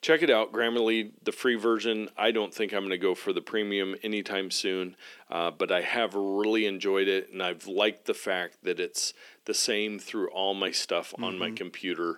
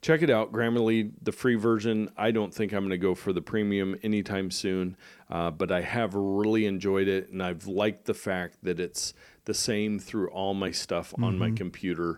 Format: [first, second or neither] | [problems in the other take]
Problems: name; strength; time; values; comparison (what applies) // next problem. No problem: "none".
second | thin; somewhat; fading below 300 Hz